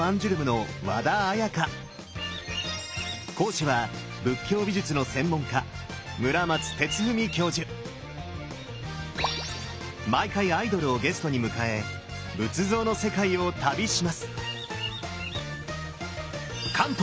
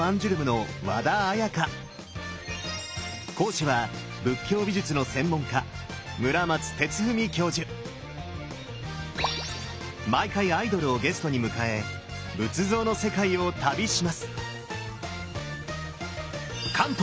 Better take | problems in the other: second | background sound (Bird vocalization, bird call, bird song); 10 dB below the speech

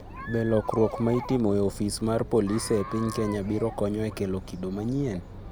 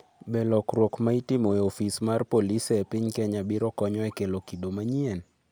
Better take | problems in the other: second | background sound (Chatter); 12 dB below the speech

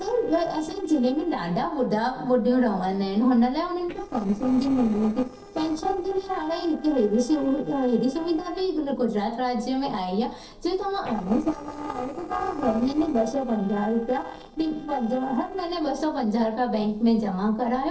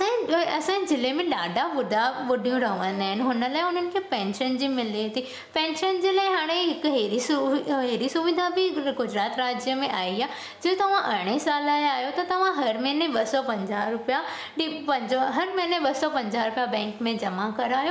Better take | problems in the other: second | noise reduction (neural separator model SepFormer DNS4)

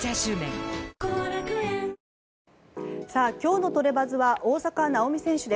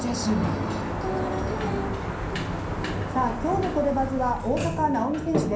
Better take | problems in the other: first | background sound (Sliding door); 2 dB below the speech // room echo; dies away in 0.6 s

